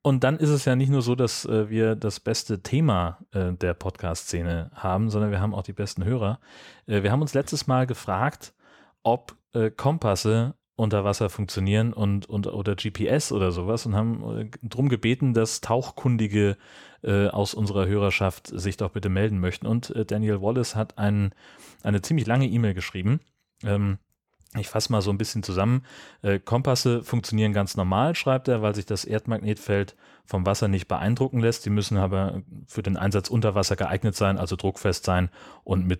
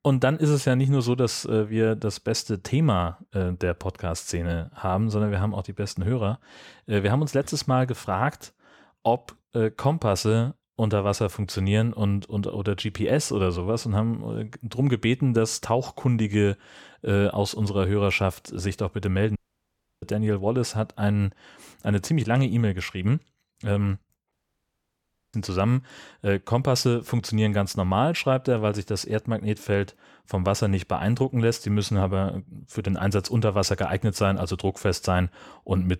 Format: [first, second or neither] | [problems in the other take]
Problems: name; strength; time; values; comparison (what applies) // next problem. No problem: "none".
first | audio cutting out; at 19 s for 0.5 s and at 24 s for 1 s